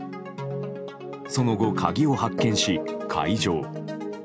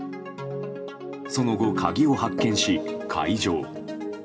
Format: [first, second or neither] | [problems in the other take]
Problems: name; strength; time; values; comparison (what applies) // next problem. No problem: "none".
first | room echo; dies away in 0.4 s